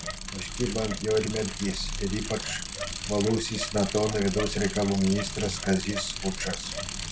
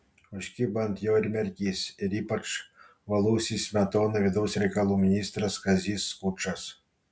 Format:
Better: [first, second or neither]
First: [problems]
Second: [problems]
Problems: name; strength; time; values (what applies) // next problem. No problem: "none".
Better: second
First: background sound (Bicycle); 5 dB below the speech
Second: none